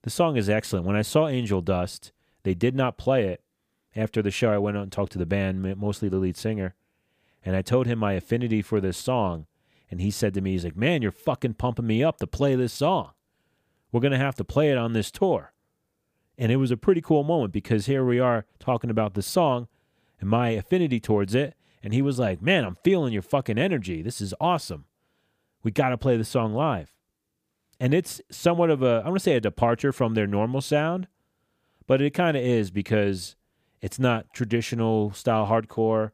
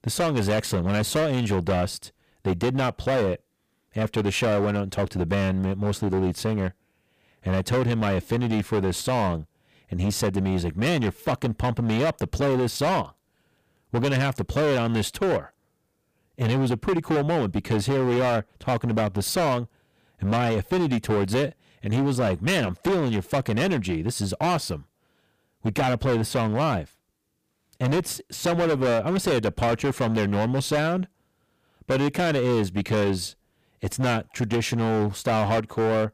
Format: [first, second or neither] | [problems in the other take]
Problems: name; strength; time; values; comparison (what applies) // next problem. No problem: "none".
first | distortion; heavy; 19% of the sound clipped